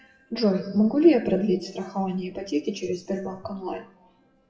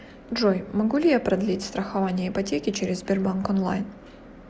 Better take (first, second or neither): second